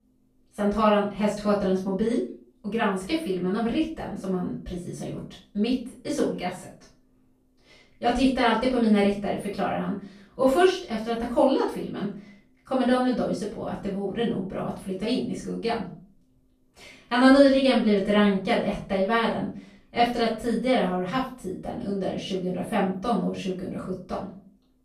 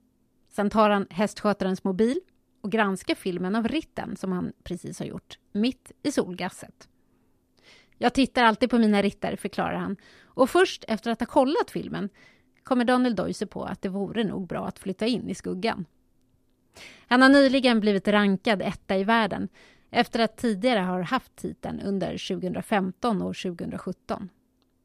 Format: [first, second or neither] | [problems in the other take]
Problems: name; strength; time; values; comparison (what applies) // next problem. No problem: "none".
second | off-mic speech; far // room echo; noticeable; dies away in 0.3 s